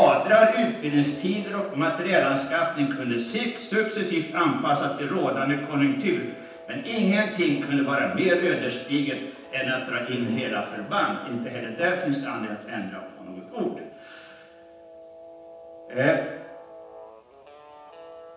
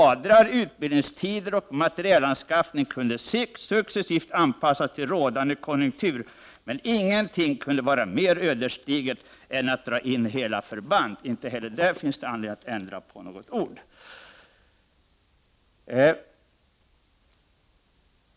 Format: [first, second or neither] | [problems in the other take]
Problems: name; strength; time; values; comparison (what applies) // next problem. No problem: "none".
second | background sound (Guitar); 20 dB below the speech // room echo; dies away in 0.9 s